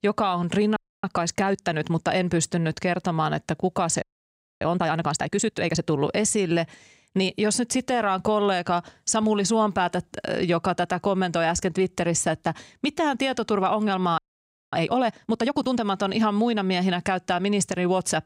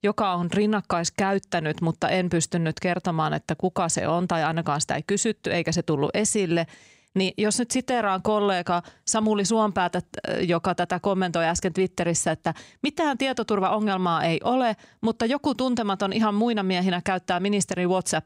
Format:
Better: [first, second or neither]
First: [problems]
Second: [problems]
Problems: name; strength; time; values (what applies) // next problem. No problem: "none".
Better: second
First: audio freezing; at 1 s, at 4 s for 0.5 s and at 14 s for 0.5 s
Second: none